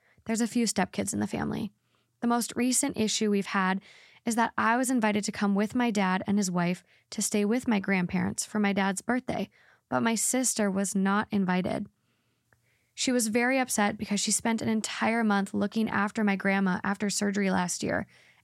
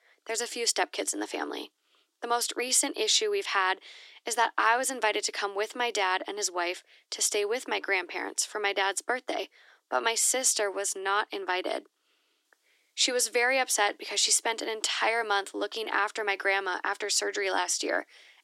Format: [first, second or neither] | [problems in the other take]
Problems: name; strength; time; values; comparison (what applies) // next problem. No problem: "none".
first | thin; very; fading below 300 Hz